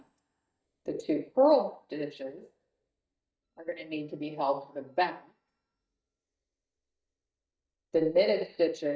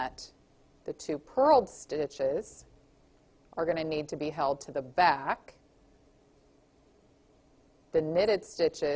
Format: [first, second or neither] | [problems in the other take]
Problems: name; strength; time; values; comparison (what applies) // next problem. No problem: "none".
second | noise reduction (neural mask model DeepFilterNet 3)